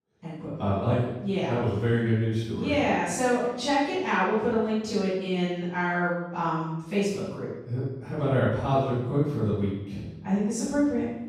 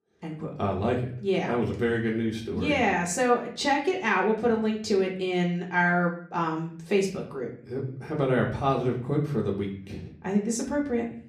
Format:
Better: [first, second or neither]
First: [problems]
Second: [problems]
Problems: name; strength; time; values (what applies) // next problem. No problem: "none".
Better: second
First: room echo; strong; dies away in 0.9 s // off-mic speech; far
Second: room echo; slight; dies away in 0.5 s // off-mic speech; far